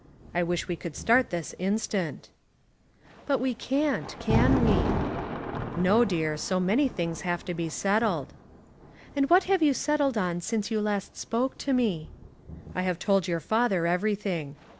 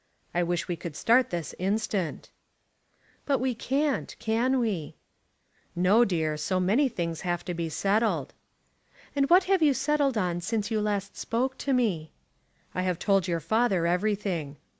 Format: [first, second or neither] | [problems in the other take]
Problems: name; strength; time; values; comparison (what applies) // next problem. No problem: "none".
second | background sound (Thunder); 8 dB below the speech